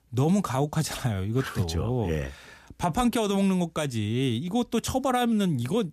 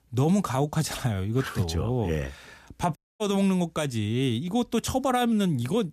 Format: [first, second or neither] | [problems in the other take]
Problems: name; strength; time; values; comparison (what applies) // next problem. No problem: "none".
first | audio cutting out; at 3 s